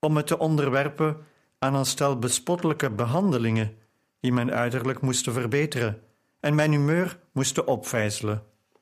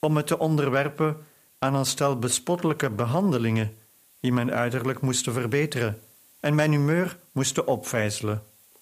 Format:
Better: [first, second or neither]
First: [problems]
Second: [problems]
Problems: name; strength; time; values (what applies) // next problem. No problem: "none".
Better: first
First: none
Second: hiss; faint; throughout; 30 dB below the speech